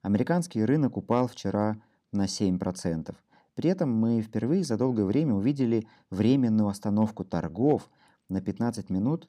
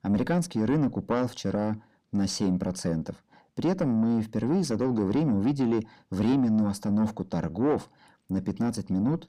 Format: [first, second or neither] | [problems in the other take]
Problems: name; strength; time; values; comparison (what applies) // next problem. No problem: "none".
first | distortion; slight; 9 dB below the speech